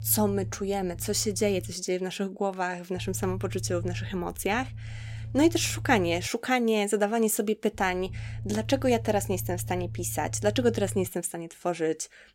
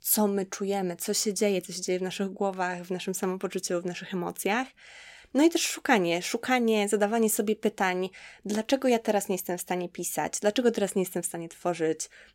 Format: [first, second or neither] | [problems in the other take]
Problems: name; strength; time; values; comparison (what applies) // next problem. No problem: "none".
second | low rumble; faint; until 1.5 s, from 3 to 6.5 s and from 7.5 to 11 s; 25 dB below the speech